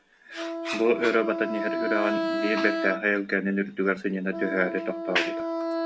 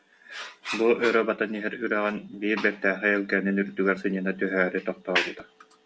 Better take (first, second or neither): second